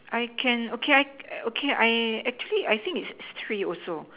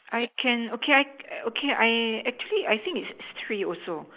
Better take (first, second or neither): first